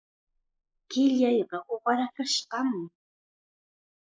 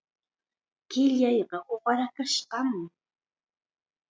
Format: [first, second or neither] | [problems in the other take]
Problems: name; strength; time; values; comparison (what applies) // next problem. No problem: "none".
second | noise reduction (neural mask model Resemble Enhance denoiser)